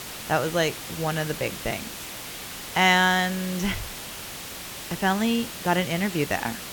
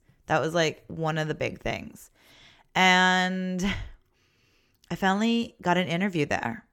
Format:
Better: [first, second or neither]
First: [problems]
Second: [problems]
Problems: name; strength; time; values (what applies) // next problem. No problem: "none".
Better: second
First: hiss; loud; throughout; 10 dB below the speech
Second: none